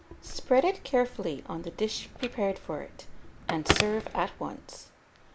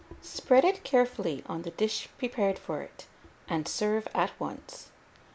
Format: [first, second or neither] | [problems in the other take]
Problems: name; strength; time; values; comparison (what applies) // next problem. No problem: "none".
second | background sound (Telephone); 6 dB below the speech